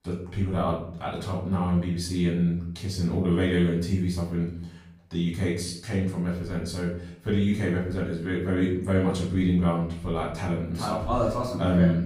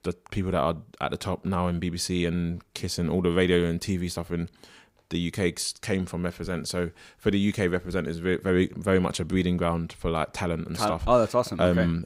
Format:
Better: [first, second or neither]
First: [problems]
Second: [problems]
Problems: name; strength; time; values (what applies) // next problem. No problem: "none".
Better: second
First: off-mic speech; far // room echo; noticeable; dies away in 0.7 s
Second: none